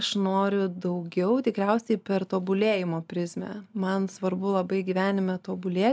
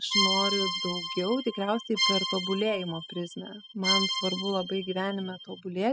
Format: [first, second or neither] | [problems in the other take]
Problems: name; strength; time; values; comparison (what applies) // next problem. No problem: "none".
first | noise reduction (classical method spectral subtraction)